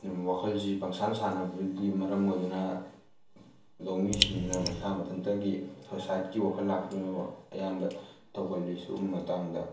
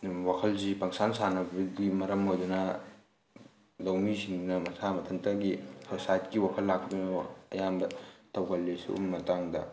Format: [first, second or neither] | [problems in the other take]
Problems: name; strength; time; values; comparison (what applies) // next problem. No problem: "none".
second | background sound (Raindrop); as loud as the speech // room echo; dies away in 0.4 s